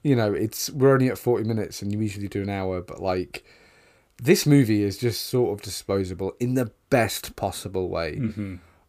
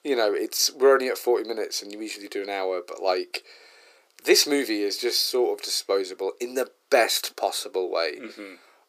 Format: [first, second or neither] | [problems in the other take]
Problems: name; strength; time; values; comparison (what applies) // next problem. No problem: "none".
first | thin; very; fading below 350 Hz